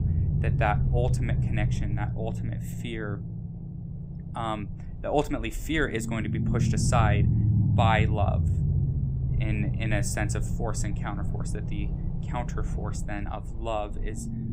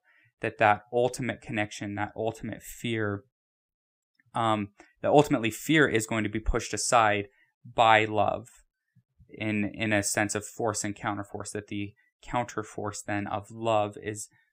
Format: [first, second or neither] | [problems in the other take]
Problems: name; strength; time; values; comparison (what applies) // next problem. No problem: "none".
second | low rumble; loud; throughout; 9 dB below the speech